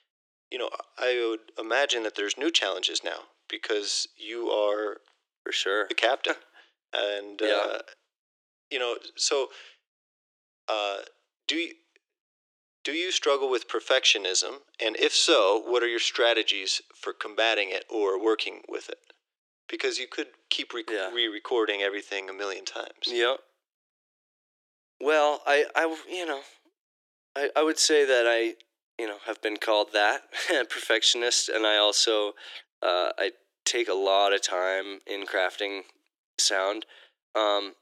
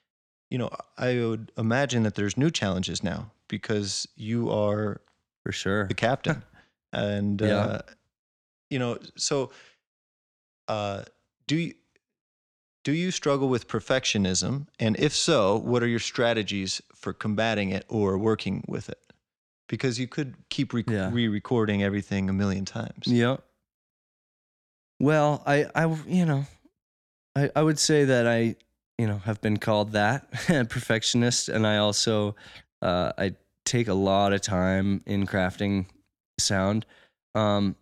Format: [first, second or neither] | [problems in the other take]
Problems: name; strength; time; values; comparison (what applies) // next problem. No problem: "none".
second | thin; very; fading below 350 Hz